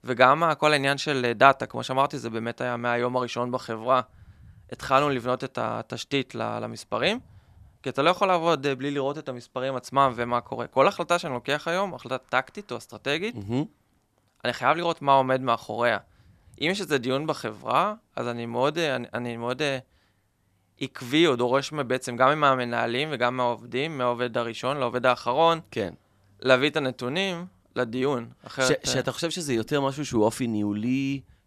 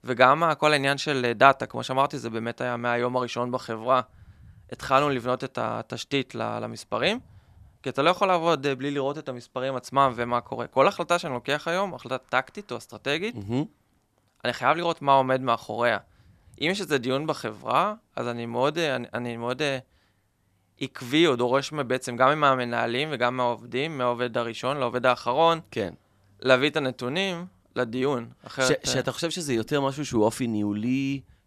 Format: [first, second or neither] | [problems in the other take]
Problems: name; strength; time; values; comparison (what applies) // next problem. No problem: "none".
neither | none